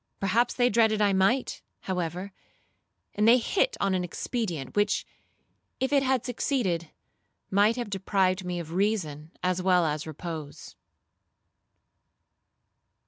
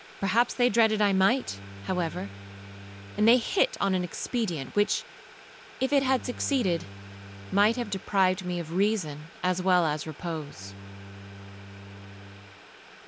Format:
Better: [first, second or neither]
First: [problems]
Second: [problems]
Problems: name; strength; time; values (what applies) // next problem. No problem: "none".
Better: first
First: none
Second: background sound (Bowed string instrument + Boiling); 16 dB below the speech